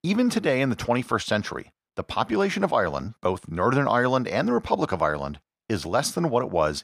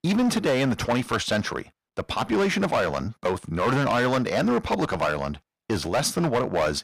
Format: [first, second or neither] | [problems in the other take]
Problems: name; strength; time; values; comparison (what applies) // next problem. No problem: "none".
first | distortion; heavy; 13% of the sound clipped